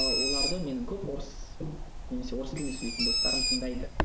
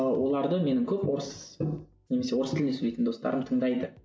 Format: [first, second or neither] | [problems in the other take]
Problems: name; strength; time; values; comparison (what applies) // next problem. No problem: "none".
second | background sound (Bird); 4 dB above the speech